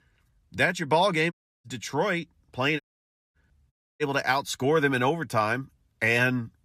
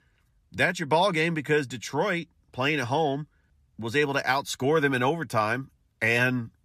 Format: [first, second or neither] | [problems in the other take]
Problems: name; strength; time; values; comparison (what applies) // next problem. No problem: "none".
second | audio cutting out; at 1.5 s, at 3 s for 0.5 s and at 3.5 s